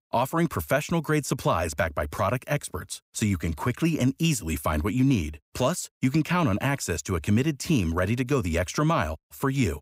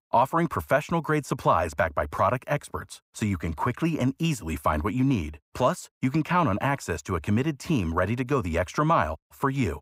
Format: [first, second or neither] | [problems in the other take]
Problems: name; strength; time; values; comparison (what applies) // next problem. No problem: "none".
first | muffled; slightly; fading above 3.5 kHz